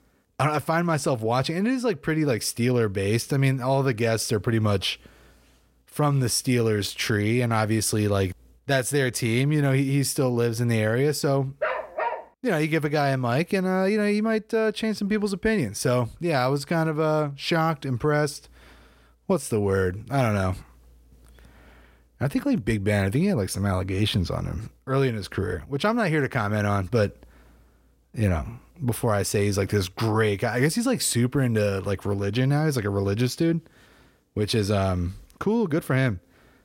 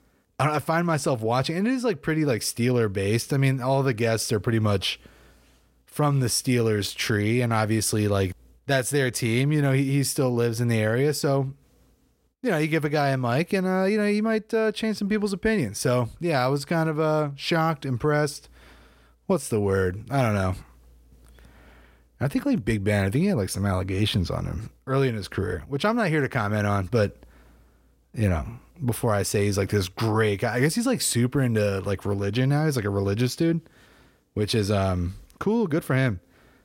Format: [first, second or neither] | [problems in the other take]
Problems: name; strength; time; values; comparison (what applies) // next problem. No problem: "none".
second | dog barking; noticeable; at 12 s; peak 4 dB below the speech